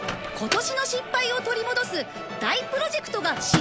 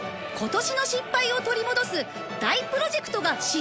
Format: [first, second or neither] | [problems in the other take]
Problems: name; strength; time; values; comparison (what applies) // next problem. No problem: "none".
second | background sound (Microwave oven); 7 dB below the speech